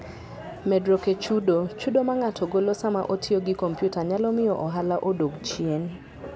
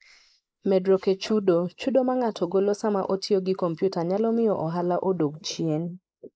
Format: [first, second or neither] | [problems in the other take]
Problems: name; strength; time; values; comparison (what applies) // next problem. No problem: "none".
first | noise reduction (neural mask model Resemble Enhance denoiser)